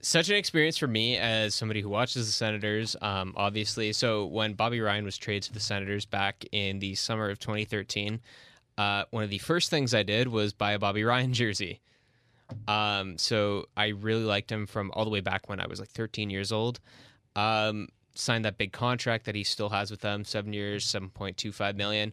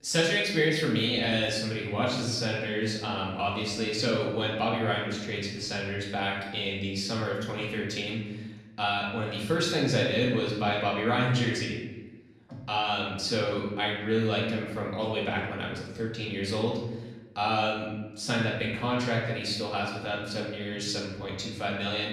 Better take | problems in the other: first | room echo; noticeable; dies away in 1 s // off-mic speech; far

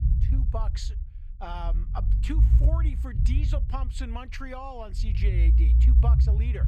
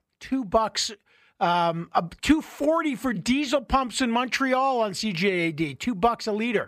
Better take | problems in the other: second | low rumble; loud; throughout; 3 dB below the speech

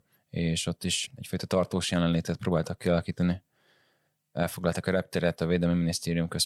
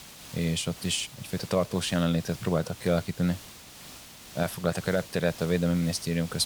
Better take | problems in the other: first | hiss; noticeable; throughout; 15 dB below the speech

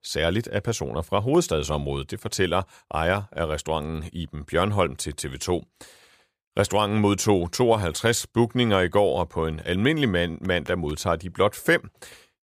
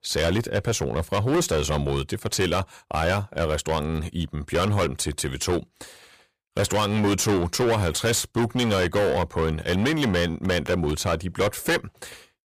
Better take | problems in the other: first | distortion; heavy; 16% of the sound clipped

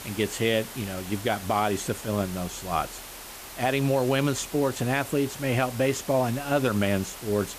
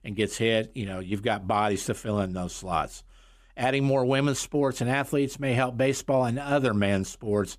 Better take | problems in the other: second | hiss; noticeable; throughout; 10 dB below the speech

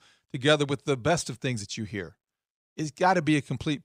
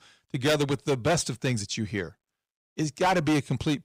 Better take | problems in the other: first | distortion; heavy; 9% of the sound clipped

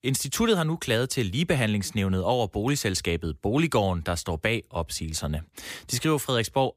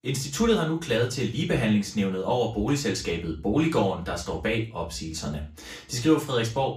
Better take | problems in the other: first | room echo; slight; dies away in 0.3 s // off-mic speech; far

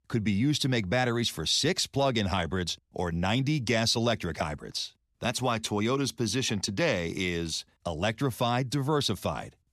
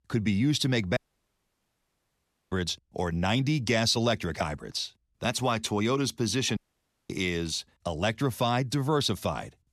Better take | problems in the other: first | audio cutting out; at 1 s for 1.5 s and at 6.5 s for 0.5 s

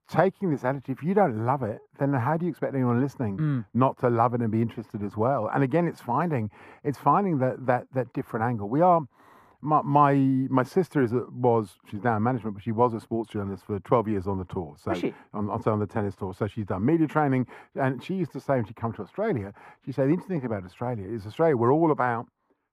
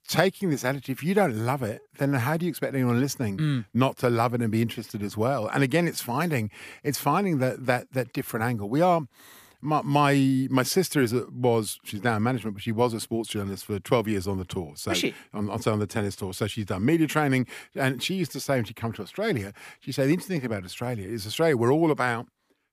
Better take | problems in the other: second | muffled; very; fading above 2 kHz

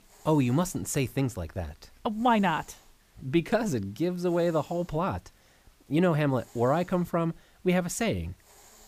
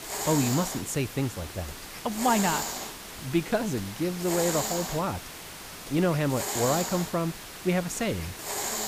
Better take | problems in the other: first | hiss; loud; throughout; 5 dB below the speech; faint in the first

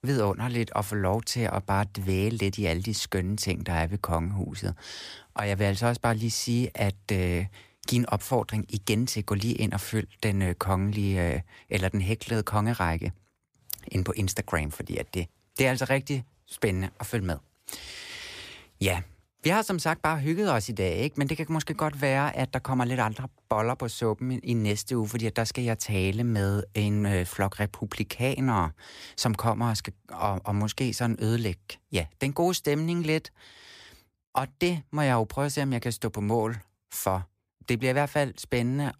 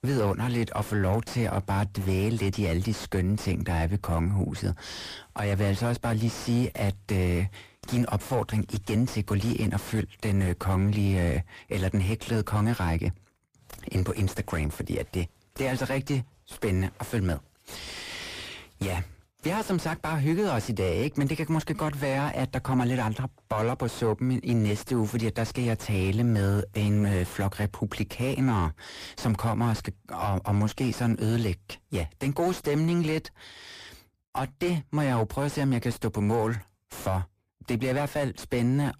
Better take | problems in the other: first | distortion; heavy; 7 dB below the speech

